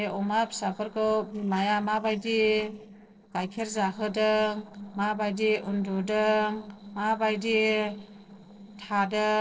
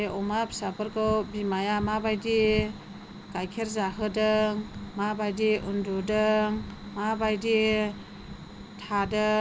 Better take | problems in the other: second | noise reduction (neural separator model SepFormer DNS4)

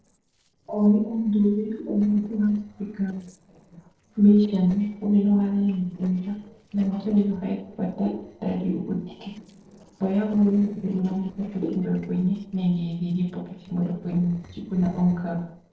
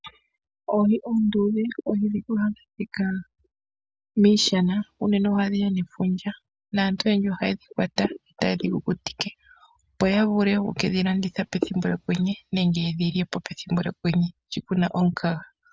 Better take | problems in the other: second | noise reduction (neural separator model SepFormer DNS4)

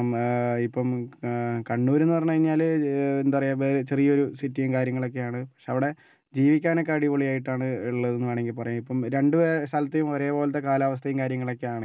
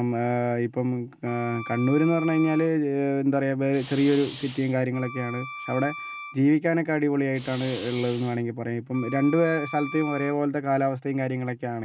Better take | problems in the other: first | background sound (Fire + Wind instrument, woodwind instrument); 15 dB below the speech

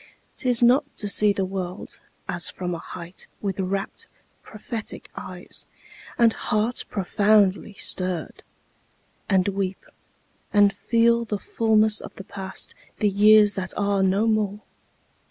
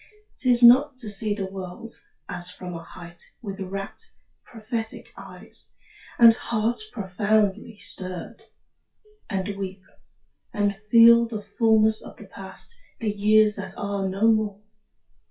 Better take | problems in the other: first | noise reduction (classical method WPE with log-MMSE)

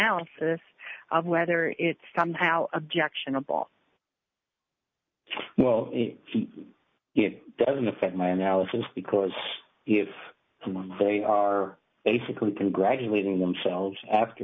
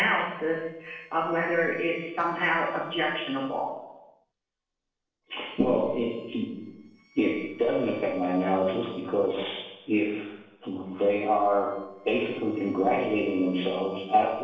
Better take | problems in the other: first | noise reduction (neural separator model SepFormer DNS4)

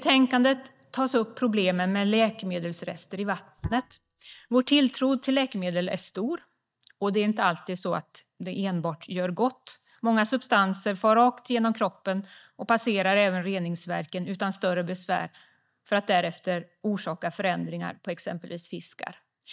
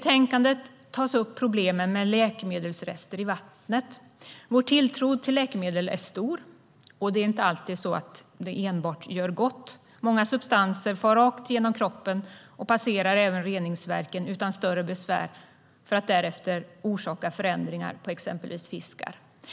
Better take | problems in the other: second | noise reduction (neural mask model DeepFilterNet 3)

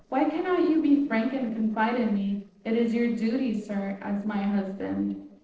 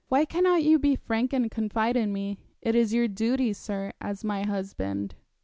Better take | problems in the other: second | noise reduction (neural separator model SepFormer DNS4)

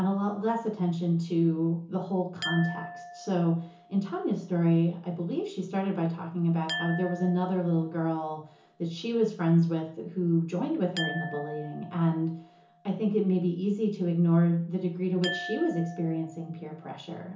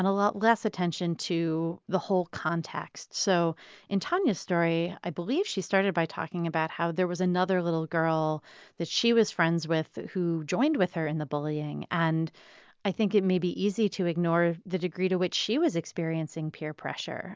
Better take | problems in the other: second | background sound (Glass); 15 dB below the speech // room echo; dies away in 0.7 s

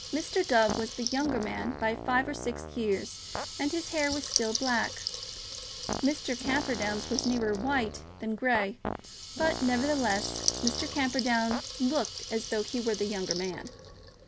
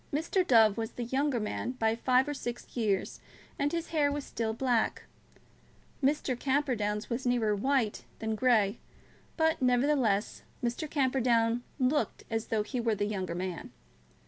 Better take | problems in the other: second | background sound (Fart + Water tap, faucet / Liquid); 6 dB below the speech

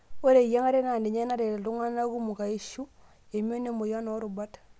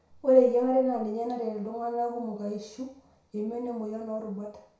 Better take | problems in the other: first | room echo; dies away in 0.6 s

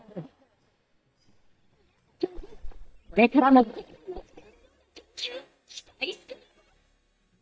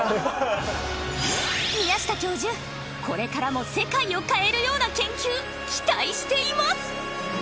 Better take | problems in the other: second | noise reduction (neural mask model DeepFilterNet 3)

